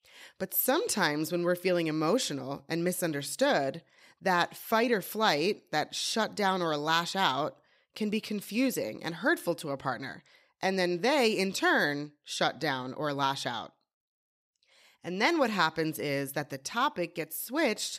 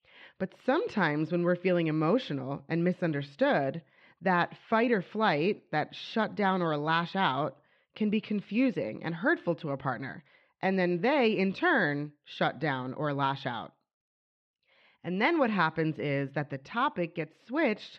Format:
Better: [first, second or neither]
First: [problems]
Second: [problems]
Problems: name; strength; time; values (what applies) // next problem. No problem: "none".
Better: first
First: none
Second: muffled; slightly; fading above 3 kHz